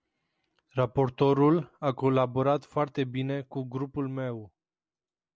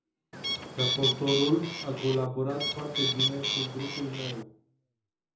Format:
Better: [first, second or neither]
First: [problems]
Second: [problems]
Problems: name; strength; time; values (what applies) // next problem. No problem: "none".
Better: first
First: none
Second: background sound (Bird); as loud as the speech // room echo; dies away in 0.6 s